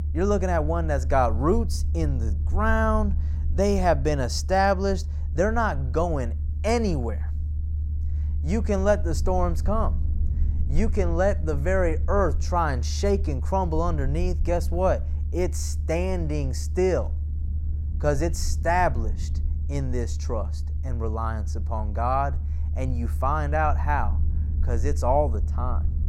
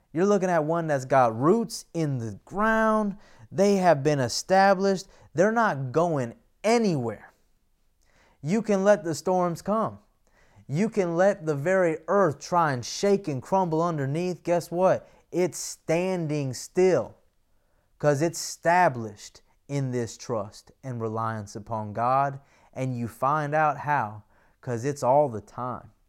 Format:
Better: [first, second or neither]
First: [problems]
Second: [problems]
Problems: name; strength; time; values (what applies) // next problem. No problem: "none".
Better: second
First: low rumble; noticeable; throughout; 20 dB below the speech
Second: none